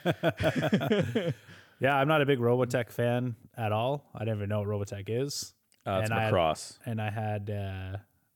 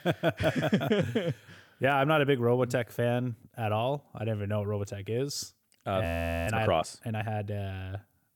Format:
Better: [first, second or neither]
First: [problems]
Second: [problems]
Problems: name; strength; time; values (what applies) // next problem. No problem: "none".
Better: first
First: none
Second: audio freezing; at 6 s